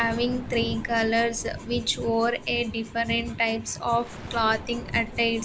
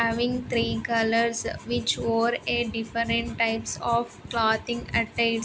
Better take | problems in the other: second | background sound (Explosion); 16 dB below the speech

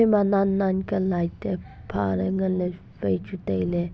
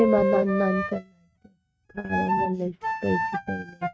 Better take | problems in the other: first | noise reduction (neural mask model RNNoise)

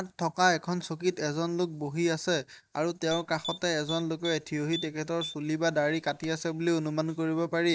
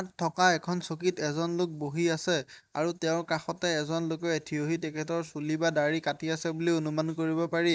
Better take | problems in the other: second | background sound (Typing); 14 dB below the speech

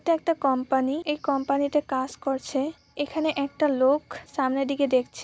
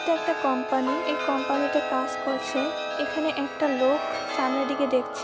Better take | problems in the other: first | background sound (Chime); 3 dB below the speech

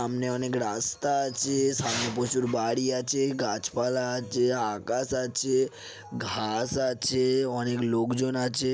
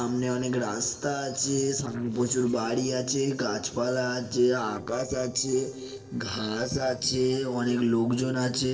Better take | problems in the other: first | noise reduction (neural separator model SepFormer DNS4)

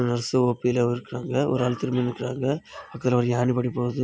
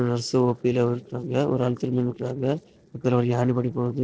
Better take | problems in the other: first | noise reduction (neural separator model SepFormer DNS4)

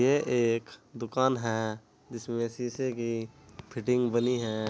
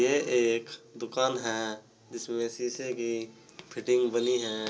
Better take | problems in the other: first | room echo; dies away in 0.2 s

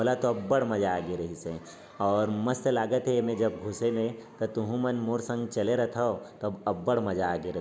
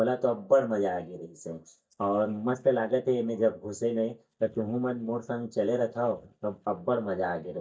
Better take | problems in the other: first | noise reduction (neural mask model DeepFilterNet 3)

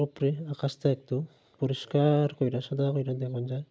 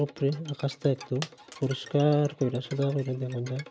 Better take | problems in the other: first | background sound (Bowed string instrument + Coin (dropping)); 18 dB below the speech

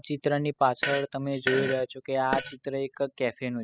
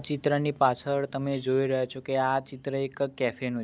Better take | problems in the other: second | noise reduction (classical method spectral subtraction)

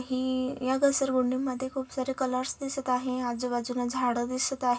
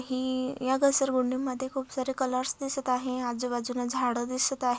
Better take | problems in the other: second | room echo; dies away in 0.4 s

